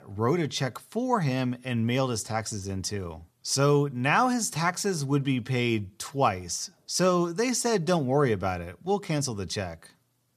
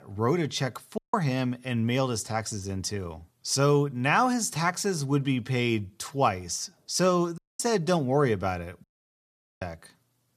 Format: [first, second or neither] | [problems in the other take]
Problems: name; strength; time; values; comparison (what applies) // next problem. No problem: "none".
first | audio cutting out; at 1 s, at 7.5 s and at 9 s for 1 s